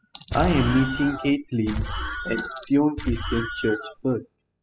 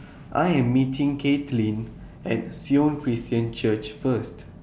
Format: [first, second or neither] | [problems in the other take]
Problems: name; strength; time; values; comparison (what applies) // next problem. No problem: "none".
second | noise reduction (classical method spectral subtraction)